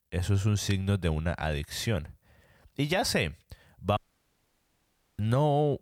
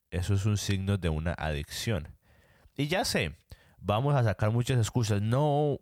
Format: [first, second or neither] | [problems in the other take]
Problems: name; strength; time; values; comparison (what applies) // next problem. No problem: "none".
second | audio cutting out; at 4 s for 1 s